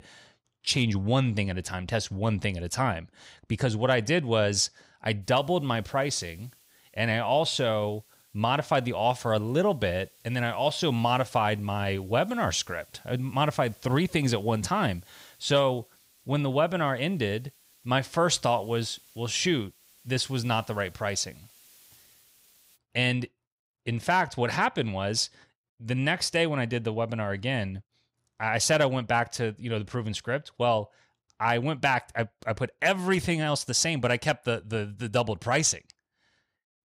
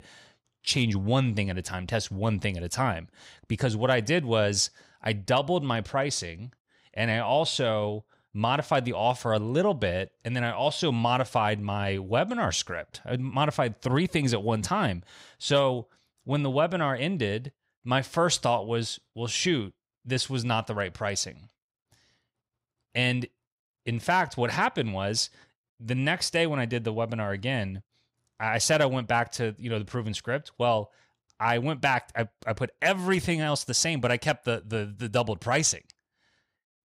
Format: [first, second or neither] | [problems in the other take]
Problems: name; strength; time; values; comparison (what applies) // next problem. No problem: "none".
second | hiss; faint; from 5 to 23 s; 30 dB below the speech